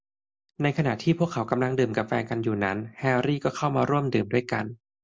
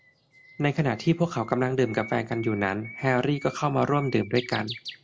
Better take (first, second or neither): first